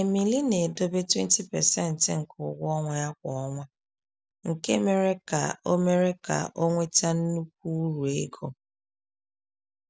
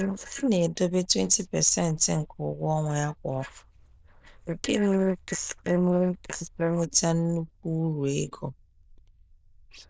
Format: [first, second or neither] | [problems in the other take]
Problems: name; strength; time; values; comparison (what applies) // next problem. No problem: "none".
first | noise reduction (neural diffusion model UNIVERSE++)